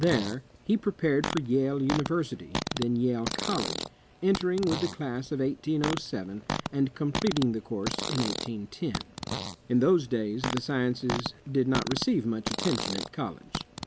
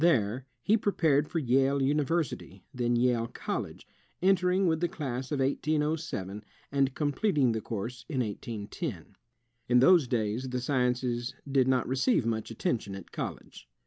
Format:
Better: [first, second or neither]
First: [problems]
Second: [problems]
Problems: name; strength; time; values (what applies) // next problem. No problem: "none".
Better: second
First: background sound (Fart); 7 dB below the speech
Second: none